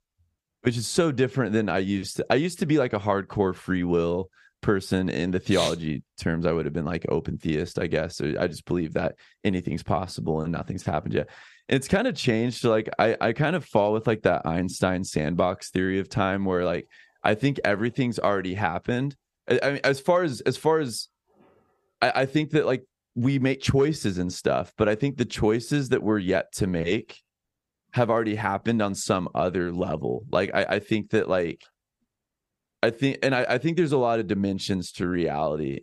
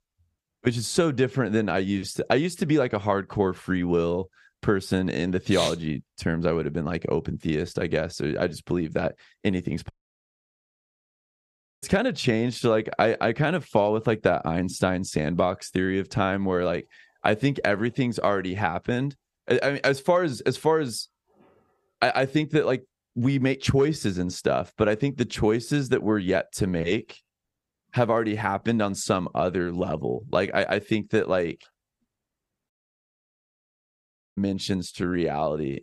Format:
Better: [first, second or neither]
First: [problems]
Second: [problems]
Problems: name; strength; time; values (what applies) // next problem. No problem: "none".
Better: first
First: none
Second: audio cutting out; at 10 s for 2 s and at 33 s for 1.5 s